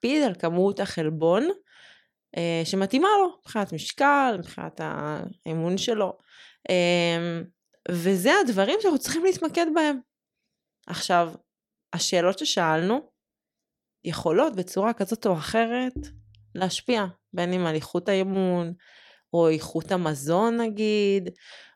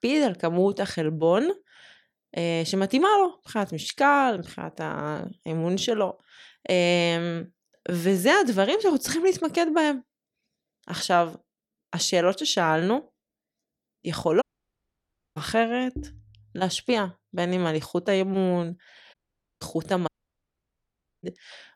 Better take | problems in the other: first | audio cutting out; at 14 s for 1 s, at 19 s and at 20 s for 1 s

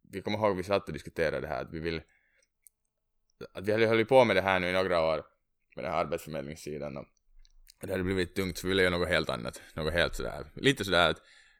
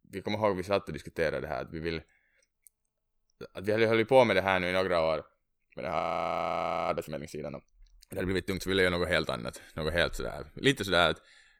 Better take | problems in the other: first | audio freezing; at 6 s for 1 s

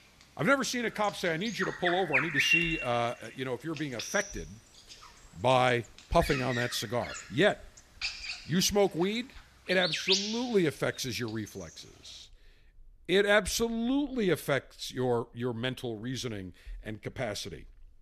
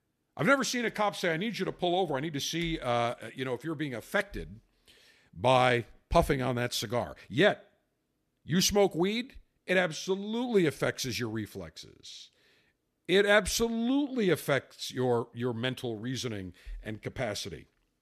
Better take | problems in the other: second | animal sounds; loud; throughout; 2 dB below the speech

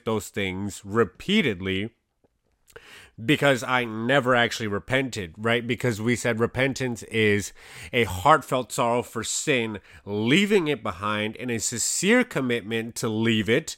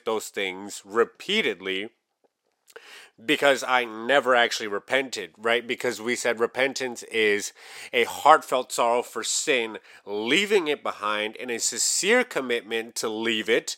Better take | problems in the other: first | thin; somewhat; fading below 450 Hz

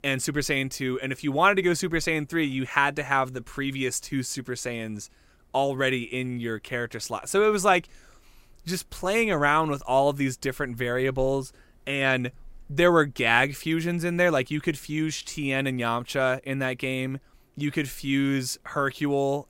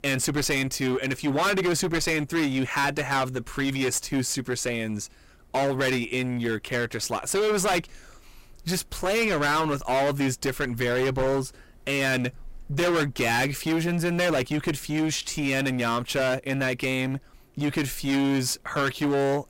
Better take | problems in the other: first | distortion; heavy; 20% of the sound clipped

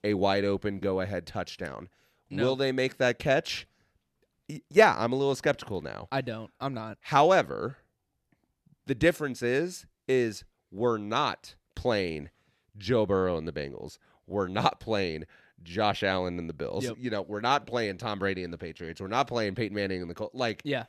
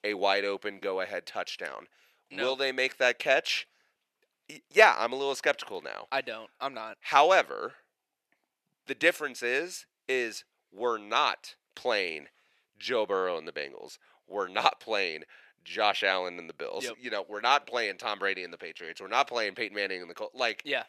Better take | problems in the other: first | thin; somewhat; fading below 550 Hz

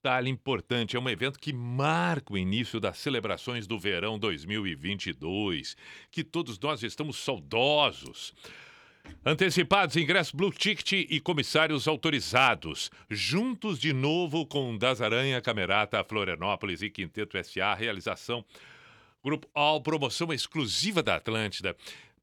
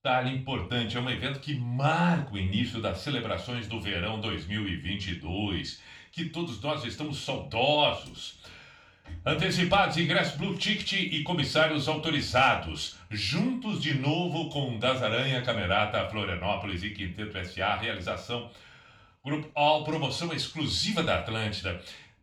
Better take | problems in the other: first | room echo; slight; dies away in 0.3 s // off-mic speech; far

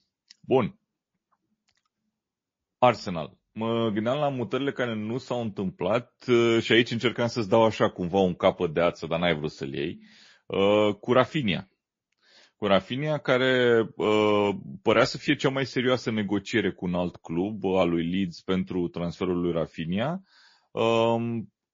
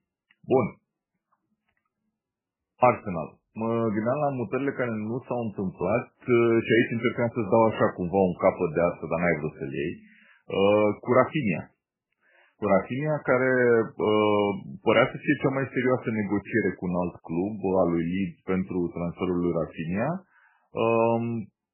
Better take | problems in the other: first | garbled, watery; badly; nothing above 3 kHz; slightly in the first

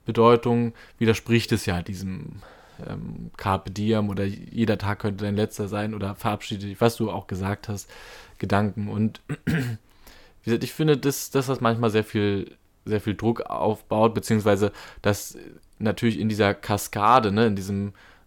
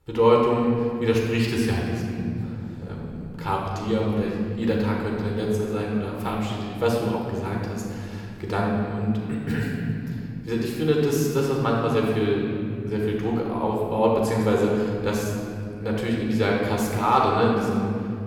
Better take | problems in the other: first | room echo; noticeable; dies away in 2.8 s // off-mic speech; somewhat distant

